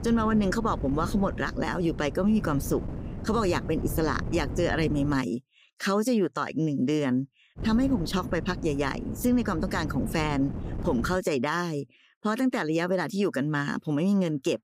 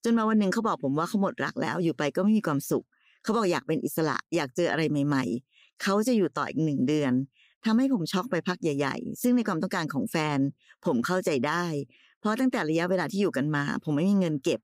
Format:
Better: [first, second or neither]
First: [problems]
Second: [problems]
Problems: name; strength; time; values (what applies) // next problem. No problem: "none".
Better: second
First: wind noise on the microphone; occasional gusts; until 5 s and from 7.5 to 11 s; 15 dB below the speech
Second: none